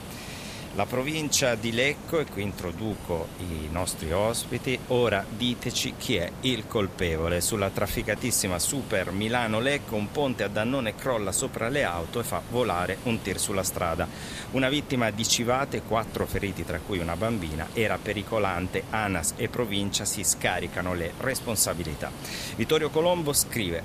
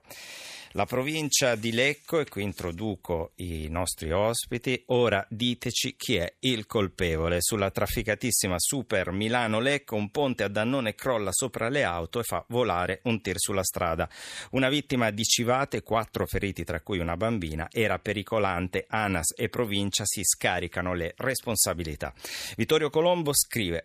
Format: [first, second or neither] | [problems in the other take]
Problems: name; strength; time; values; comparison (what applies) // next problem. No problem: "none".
second | hiss; noticeable; throughout; 10 dB below the speech